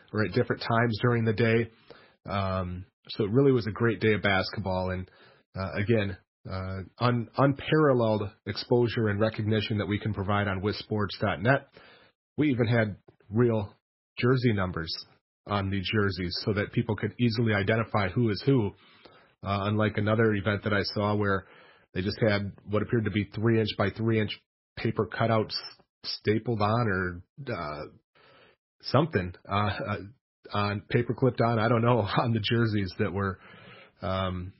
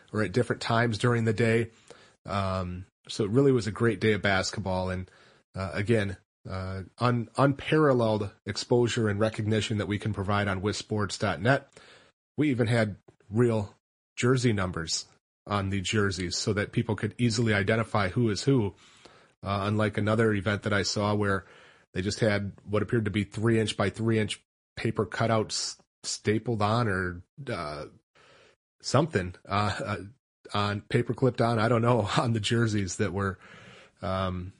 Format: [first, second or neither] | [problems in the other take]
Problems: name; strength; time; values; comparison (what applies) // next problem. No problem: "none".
second | garbled, watery; badly; nothing above 5.5 kHz; slightly in the second